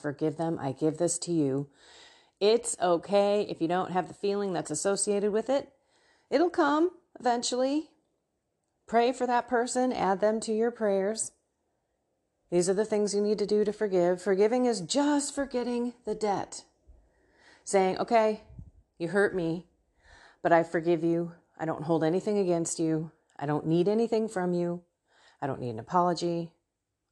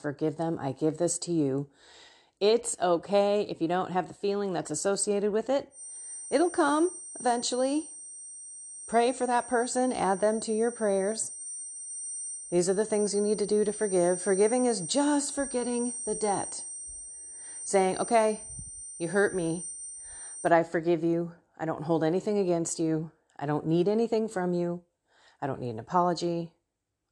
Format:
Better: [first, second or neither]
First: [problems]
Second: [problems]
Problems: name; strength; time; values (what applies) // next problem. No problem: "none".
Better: first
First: none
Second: high-pitched whine; loud; from 6 to 20 s; 8.5 kHz, 9 dB below the speech